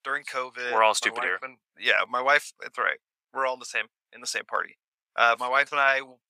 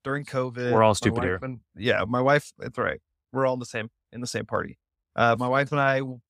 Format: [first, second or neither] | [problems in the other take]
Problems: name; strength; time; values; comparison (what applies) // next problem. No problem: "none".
second | thin; very; fading below 850 Hz